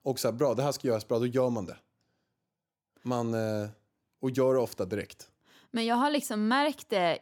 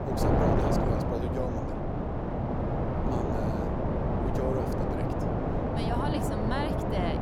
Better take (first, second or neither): first